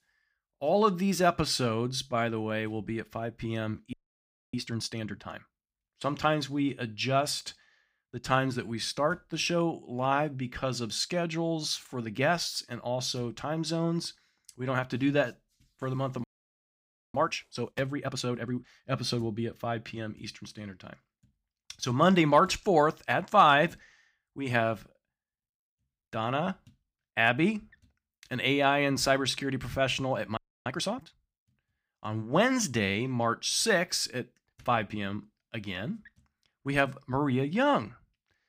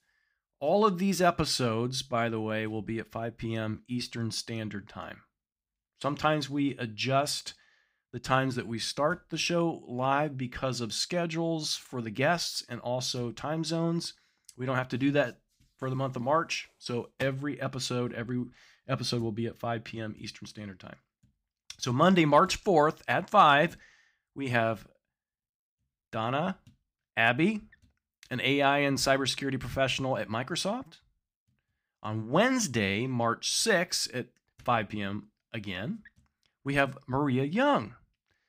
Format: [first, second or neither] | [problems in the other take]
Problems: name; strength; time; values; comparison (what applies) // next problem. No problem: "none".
second | audio freezing; at 4 s for 0.5 s, at 16 s for 1 s and at 30 s